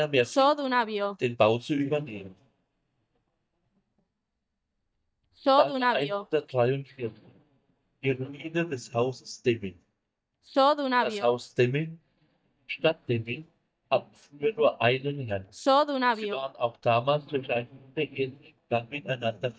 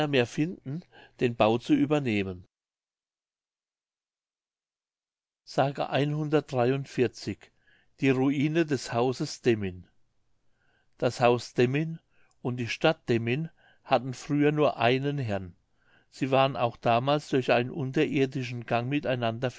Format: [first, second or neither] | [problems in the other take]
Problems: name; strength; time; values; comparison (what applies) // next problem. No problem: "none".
second | noise reduction (neural mask model DeepFilterNet 3)